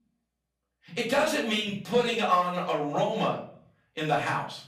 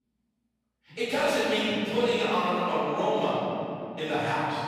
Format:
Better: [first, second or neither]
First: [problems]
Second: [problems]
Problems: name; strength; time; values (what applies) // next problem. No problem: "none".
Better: first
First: room echo; slight; dies away in 0.4 s // off-mic speech; far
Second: room echo; strong; dies away in 3 s // off-mic speech; far